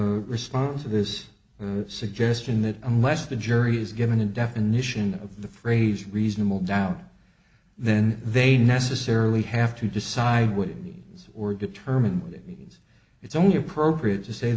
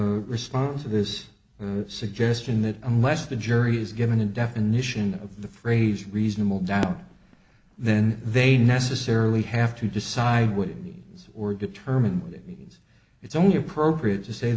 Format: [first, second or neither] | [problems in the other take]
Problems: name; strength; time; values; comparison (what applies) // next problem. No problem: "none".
first | background sound (Fireworks); 14 dB below the speech